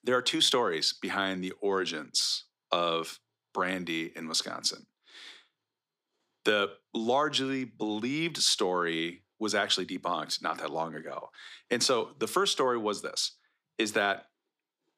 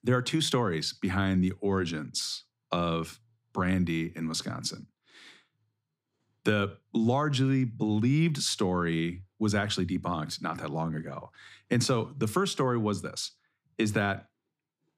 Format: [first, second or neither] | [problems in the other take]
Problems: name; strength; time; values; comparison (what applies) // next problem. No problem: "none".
second | thin; somewhat; fading below 450 Hz